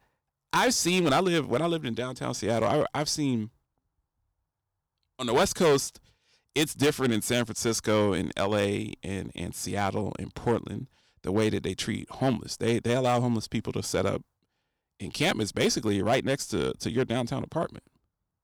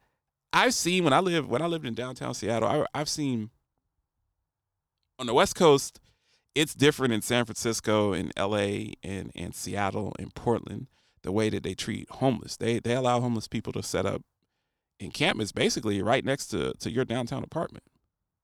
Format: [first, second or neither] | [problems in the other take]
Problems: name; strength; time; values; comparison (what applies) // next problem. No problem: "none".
second | distortion; slight; 3% of the sound clipped